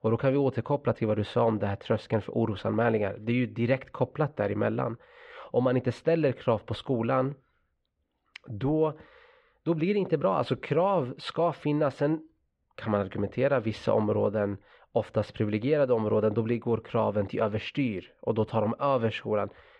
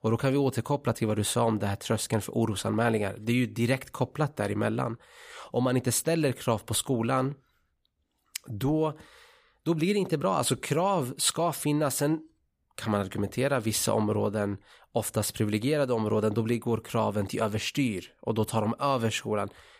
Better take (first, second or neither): second